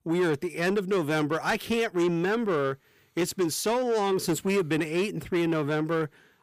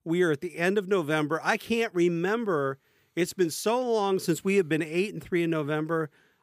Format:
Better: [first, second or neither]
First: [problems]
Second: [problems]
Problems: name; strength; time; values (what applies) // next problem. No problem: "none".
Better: second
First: distortion; slight; 10 dB below the speech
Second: none